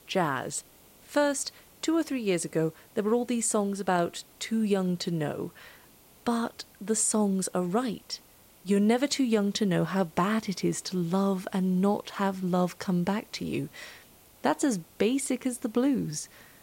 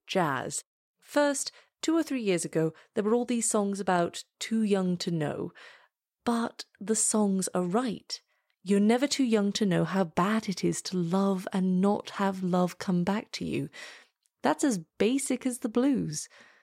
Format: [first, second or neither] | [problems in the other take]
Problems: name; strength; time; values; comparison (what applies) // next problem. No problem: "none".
second | hiss; faint; throughout; 25 dB below the speech